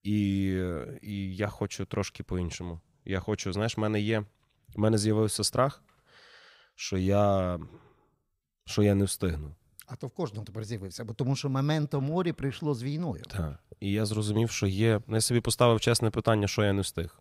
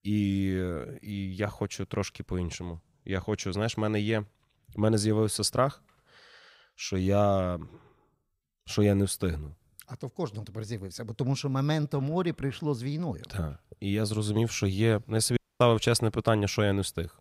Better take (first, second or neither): first